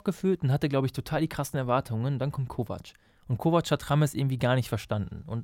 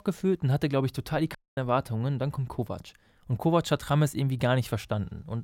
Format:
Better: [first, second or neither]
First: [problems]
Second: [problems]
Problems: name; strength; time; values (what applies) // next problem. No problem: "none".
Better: first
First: none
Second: audio cutting out; at 1.5 s